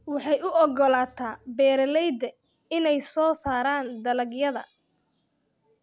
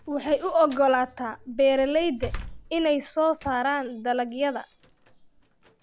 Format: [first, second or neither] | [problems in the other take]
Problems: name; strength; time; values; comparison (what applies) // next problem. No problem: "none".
first | background sound (Slam); 17 dB below the speech